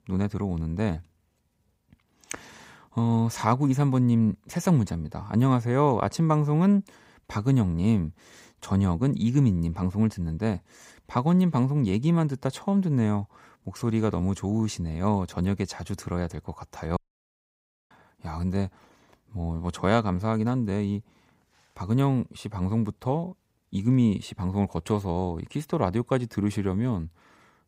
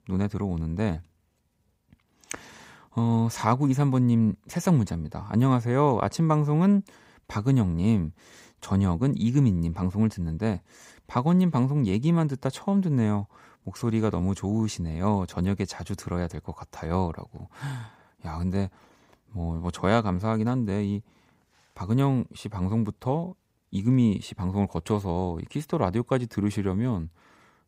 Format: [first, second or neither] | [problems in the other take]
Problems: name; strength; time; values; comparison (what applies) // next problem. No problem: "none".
second | audio cutting out; at 17 s for 1 s